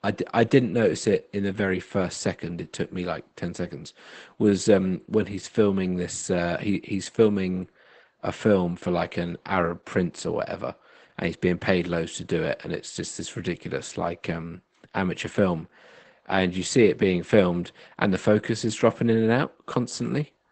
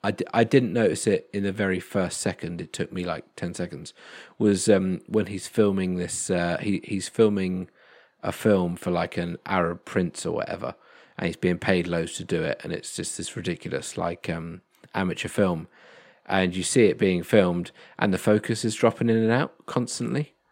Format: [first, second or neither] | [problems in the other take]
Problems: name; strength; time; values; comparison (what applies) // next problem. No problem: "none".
second | garbled, watery; badly; nothing above 8 kHz